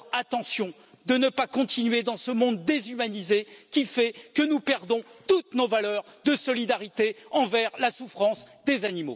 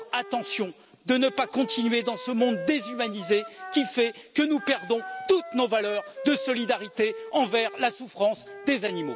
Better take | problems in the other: first | background sound (Wind instrument, woodwind instrument); 13 dB below the speech

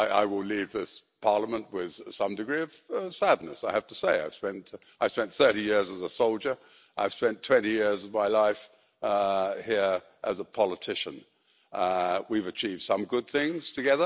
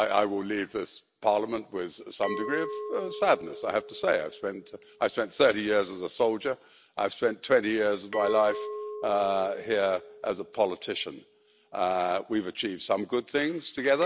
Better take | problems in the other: first | background sound (Glass); 14 dB below the speech

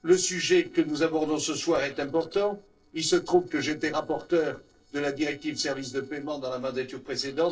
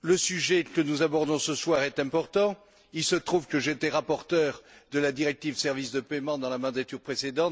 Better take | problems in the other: second | noise reduction (neural separator model SepFormer DNS4)

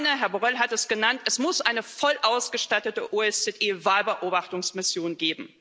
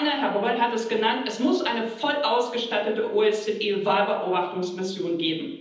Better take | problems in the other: first | room echo; dies away in 1.3 s

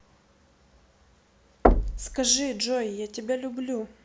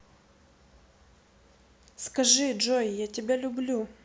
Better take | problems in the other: second | background sound (Knock); 3 dB above the speech

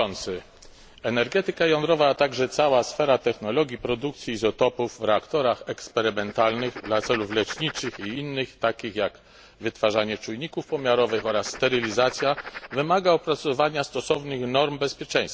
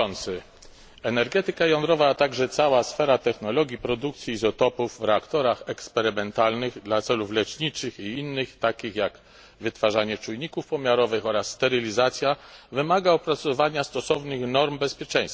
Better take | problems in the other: second | background sound (Writing); 14 dB below the speech

